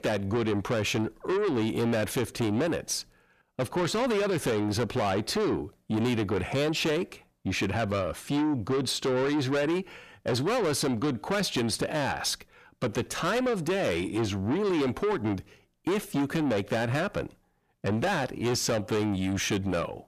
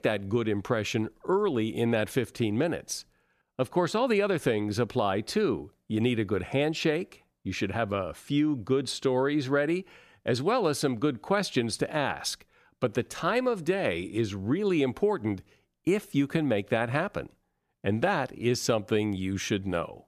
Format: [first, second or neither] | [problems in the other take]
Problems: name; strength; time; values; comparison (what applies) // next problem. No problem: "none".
second | distortion; heavy; 7 dB below the speech